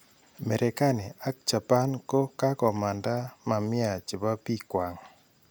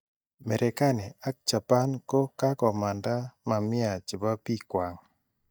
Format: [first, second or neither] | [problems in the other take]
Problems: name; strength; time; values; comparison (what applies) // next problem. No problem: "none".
first | noise reduction (neural mask model DeepFilterNet 3)